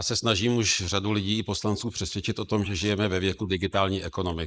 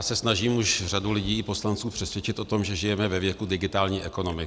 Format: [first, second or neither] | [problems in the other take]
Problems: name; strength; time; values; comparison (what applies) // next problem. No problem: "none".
second | noise reduction (neural mask model Resemble Enhance denoiser)